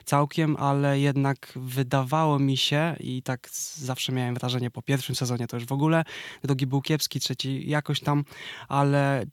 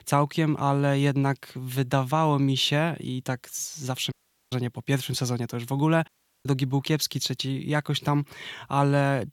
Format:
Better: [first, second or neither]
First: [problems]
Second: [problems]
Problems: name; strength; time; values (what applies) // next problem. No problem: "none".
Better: first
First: none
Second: audio cutting out; at 4 s and at 6 s